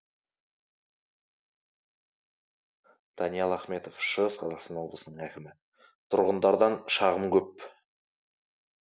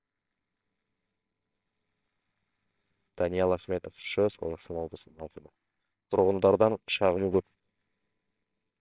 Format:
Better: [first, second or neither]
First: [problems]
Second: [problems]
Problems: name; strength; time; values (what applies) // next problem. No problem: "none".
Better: first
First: none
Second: noise reduction (neural separator model SepFormer WHAMR!)